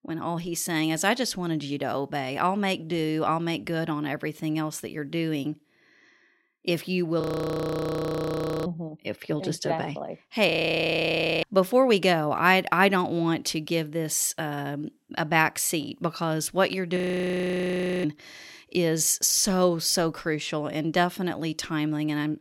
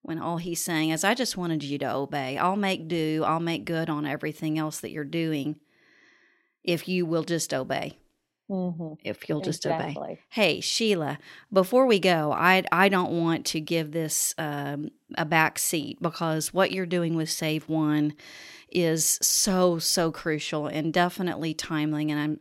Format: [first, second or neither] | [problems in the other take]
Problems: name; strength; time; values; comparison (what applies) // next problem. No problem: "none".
second | audio freezing; at 7 s for 1.5 s, at 10 s for 1 s and at 17 s for 1 s